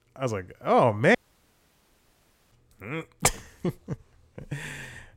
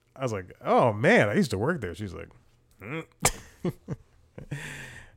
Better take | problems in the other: second | audio cutting out; at 1 s for 1.5 s

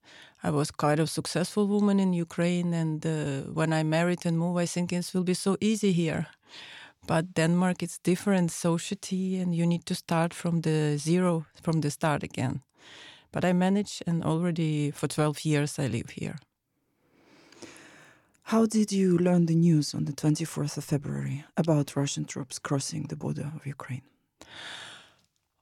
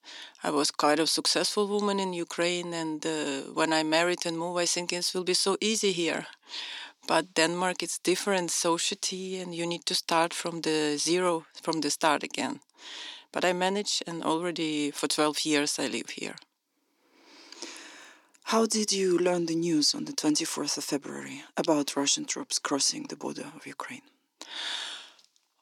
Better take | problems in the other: first | thin; somewhat; fading below 300 Hz

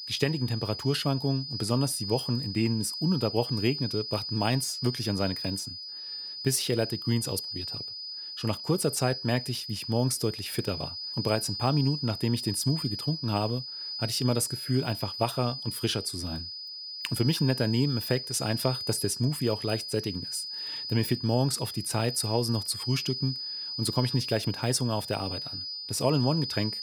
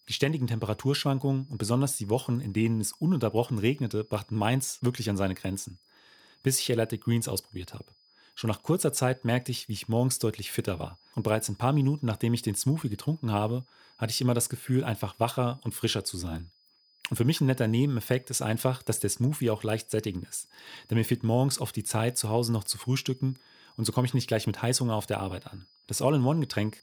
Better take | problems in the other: second | high-pitched whine; loud; throughout; 5 kHz, 5 dB below the speech; faint in the second

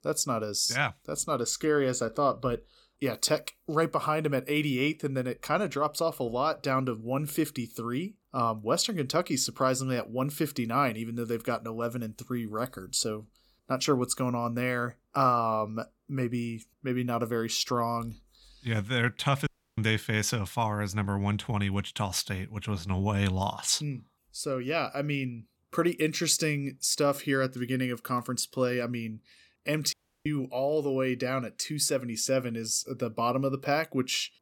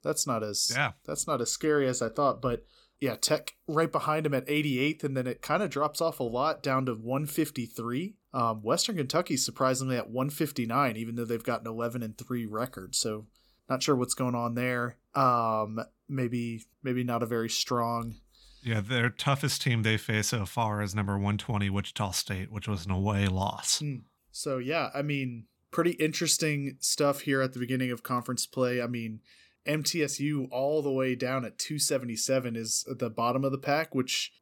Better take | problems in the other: second | audio cutting out; at 19 s and at 30 s

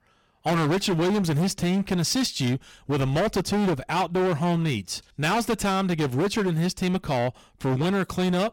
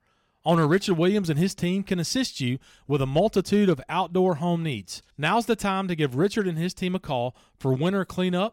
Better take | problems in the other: second | distortion; heavy; 24% of the sound clipped

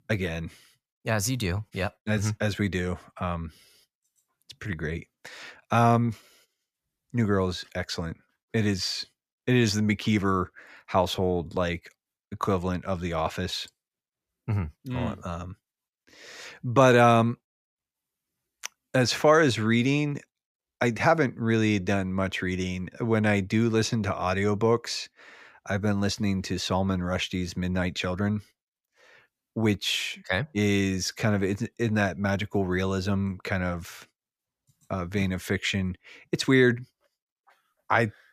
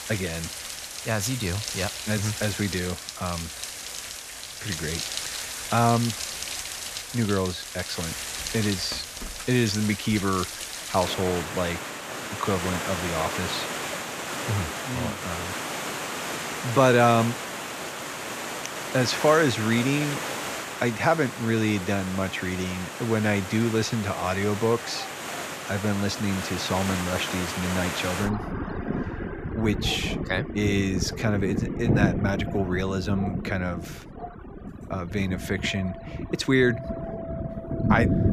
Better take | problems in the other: first | rain or running water; loud; throughout; 5 dB below the speech

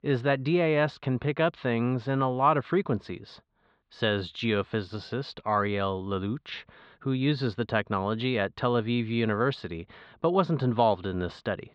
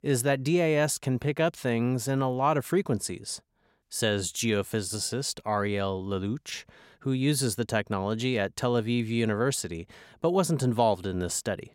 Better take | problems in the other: second | muffled; slightly; fading above 4 kHz

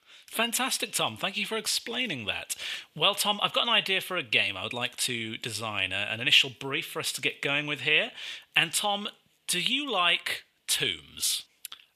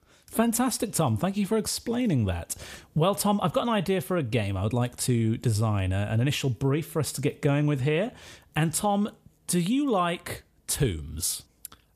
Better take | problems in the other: second | thin; somewhat; fading below 800 Hz

